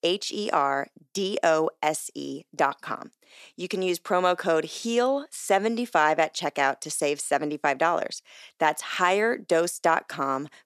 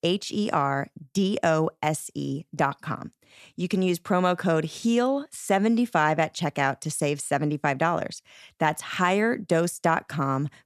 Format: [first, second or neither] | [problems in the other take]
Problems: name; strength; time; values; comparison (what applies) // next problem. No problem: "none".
second | thin; somewhat; fading below 400 Hz